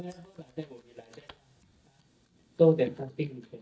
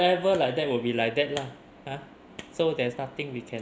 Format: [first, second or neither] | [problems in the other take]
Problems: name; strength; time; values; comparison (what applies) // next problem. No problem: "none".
second | noise reduction (neural mask model DeepFilterNet 3)